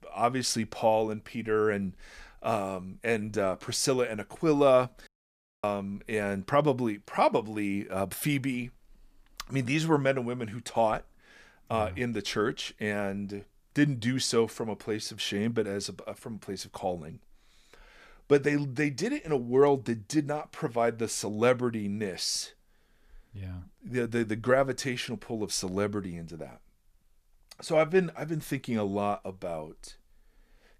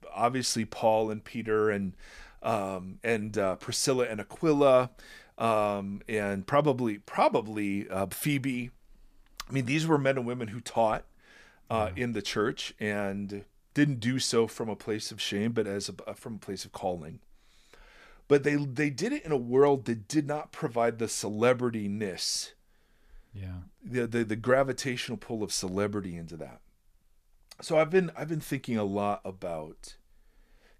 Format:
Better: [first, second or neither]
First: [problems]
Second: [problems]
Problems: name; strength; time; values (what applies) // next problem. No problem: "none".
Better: second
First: audio cutting out; at 5 s for 0.5 s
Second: none